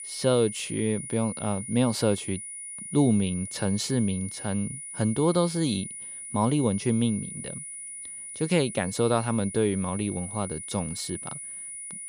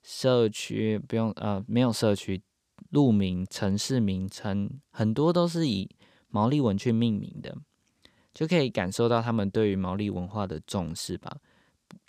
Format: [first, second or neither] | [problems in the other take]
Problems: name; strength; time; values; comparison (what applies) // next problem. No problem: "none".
second | high-pitched whine; loud; throughout; 9.5 kHz, 9 dB below the speech